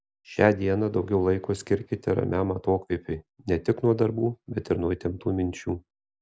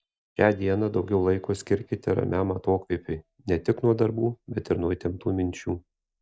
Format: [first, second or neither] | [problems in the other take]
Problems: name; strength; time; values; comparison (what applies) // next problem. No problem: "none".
first | noise reduction (neural mask model DeepFilterNet 3)